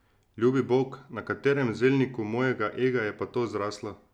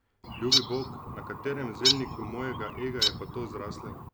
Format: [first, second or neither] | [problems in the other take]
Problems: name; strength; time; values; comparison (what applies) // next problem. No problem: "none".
first | background sound (Bird); 4 dB above the speech